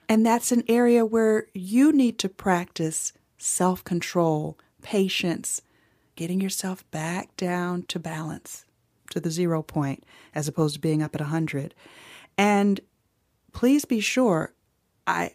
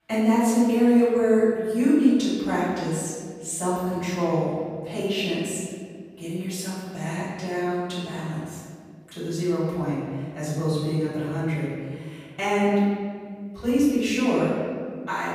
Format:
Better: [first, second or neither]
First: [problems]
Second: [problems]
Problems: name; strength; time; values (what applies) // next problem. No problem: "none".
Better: first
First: none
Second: off-mic speech; far // room echo; strong; dies away in 1.8 s